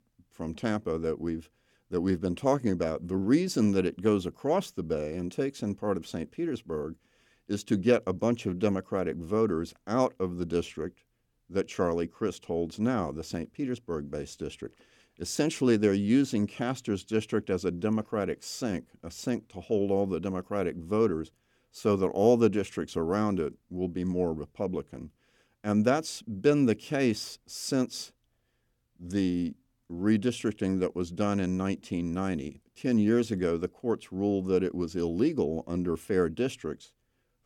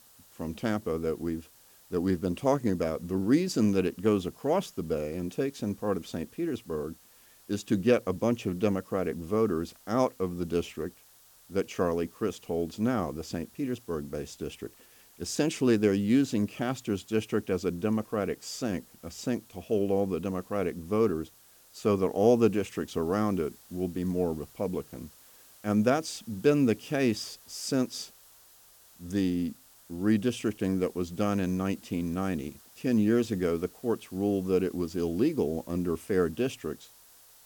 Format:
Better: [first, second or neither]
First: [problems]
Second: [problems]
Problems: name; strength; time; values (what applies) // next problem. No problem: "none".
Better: first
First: none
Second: hiss; faint; throughout; 25 dB below the speech